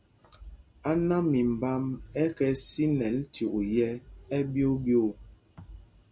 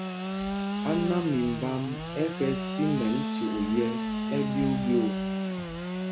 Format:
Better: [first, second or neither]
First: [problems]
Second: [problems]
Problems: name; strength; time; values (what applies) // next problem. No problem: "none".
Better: first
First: none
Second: background sound (Sawing / Engine); 1 dB below the speech